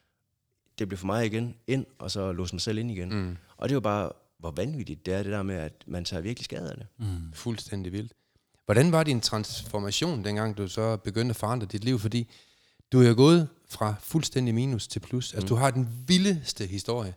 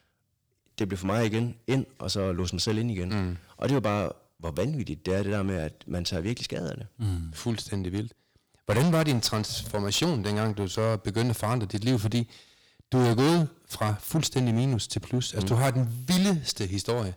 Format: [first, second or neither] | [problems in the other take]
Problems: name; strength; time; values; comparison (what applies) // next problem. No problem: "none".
first | distortion; heavy; 7% of the sound clipped